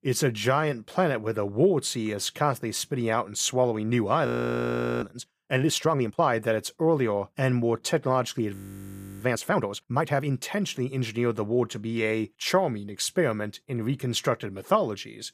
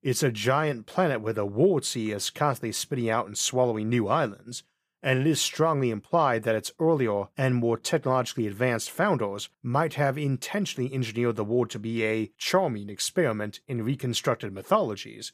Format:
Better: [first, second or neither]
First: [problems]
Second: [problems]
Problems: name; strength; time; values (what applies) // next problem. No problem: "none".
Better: second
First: audio freezing; at 4.5 s for 1 s and at 8.5 s for 0.5 s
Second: none